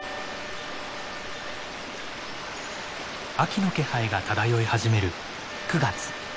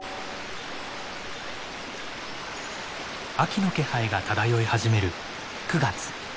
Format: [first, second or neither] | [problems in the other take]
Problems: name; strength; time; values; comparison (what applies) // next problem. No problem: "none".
second | background sound (Wind instrument, woodwind instrument); 17 dB below the speech